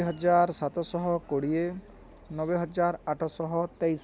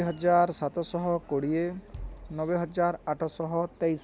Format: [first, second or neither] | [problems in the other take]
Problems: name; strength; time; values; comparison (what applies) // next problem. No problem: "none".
first | background sound (Bass drum); 18 dB below the speech